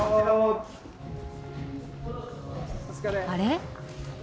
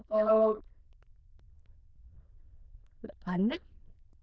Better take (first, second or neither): first